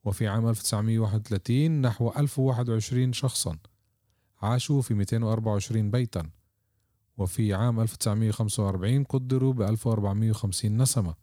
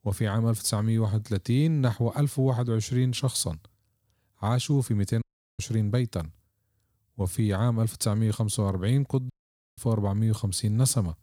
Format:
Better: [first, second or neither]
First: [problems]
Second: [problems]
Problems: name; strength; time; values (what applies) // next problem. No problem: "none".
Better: first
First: none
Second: audio cutting out; at 5 s and at 9.5 s